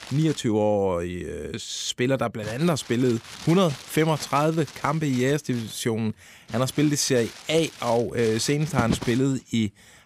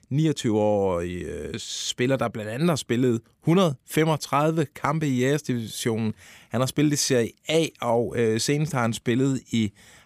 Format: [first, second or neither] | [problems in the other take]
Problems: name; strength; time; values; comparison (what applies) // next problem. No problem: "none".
second | household noises; noticeable; throughout; 15 dB below the speech